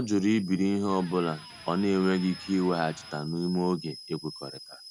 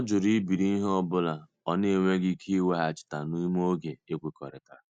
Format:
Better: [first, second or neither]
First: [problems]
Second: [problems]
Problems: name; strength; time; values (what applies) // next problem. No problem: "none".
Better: second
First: background sound (Boiling / Alarm + Electric guitar); 18 dB below the speech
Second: none